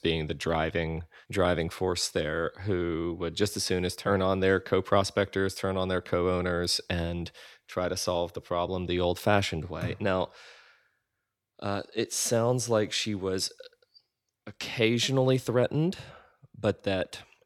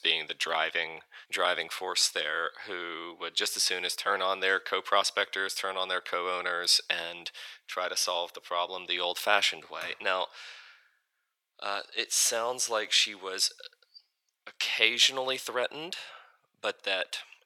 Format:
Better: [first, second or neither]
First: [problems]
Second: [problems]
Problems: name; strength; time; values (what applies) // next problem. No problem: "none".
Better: first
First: none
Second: thin; very; fading below 900 Hz